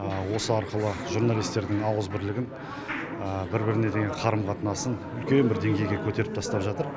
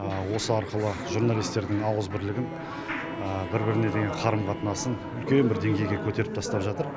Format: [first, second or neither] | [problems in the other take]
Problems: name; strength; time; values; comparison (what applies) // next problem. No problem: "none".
first | background sound (Bowed string instrument); 12 dB below the speech